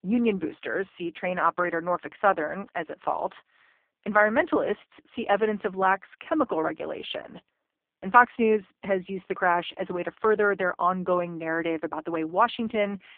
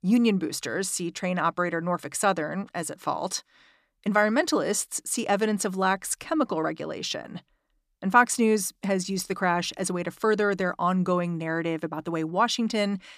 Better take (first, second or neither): second